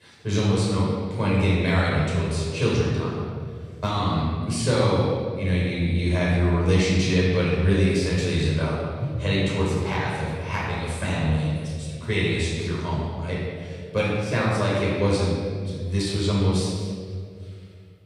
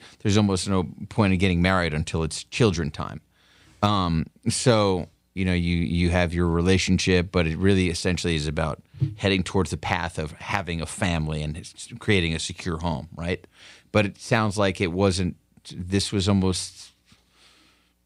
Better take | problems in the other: second | off-mic speech; far // room echo; strong; dies away in 2 s

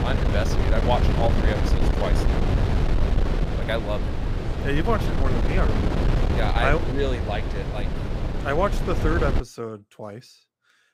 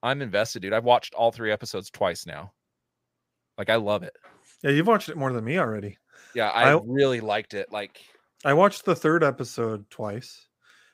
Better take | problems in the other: second | wind noise on the microphone; heavy; until 9.5 s; 3 dB below the speech

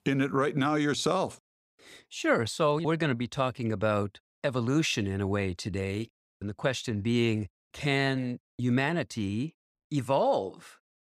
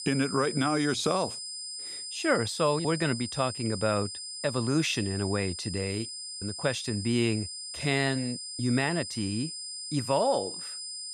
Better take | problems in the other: first | high-pitched whine; loud; throughout; 5 kHz, 7 dB below the speech

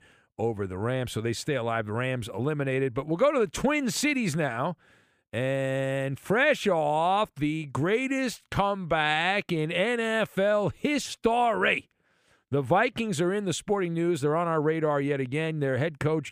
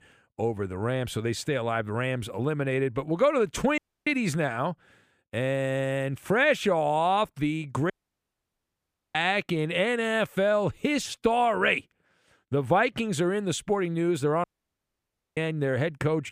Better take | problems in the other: first | audio cutting out; at 4 s, at 8 s for 1.5 s and at 14 s for 1 s

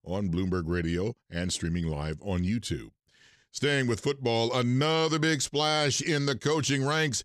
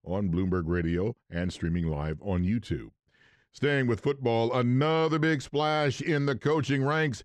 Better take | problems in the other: first | muffled; slightly; fading above 3.5 kHz

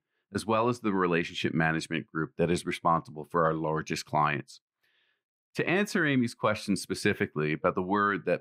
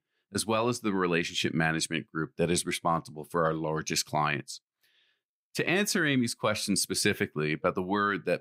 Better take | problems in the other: second | muffled; slightly; fading above 3.5 kHz

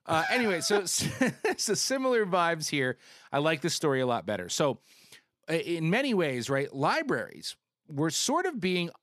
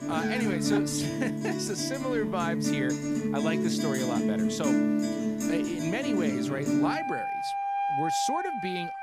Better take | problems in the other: first | background music; very loud; throughout; 4 dB above the speech

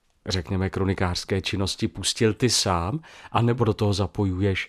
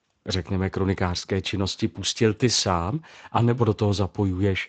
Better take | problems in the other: first | garbled, watery; slightly; nothing above 7.5 kHz

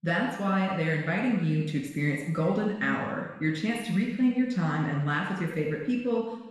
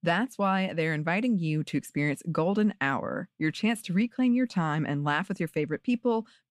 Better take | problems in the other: second | room echo; noticeable; dies away in 1.1 s // off-mic speech; far

